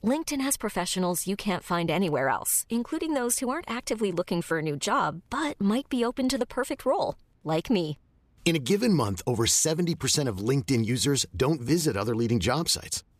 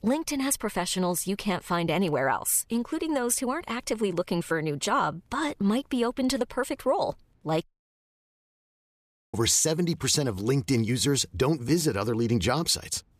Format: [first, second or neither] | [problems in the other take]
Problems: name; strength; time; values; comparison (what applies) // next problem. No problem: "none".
first | audio cutting out; at 7.5 s for 1.5 s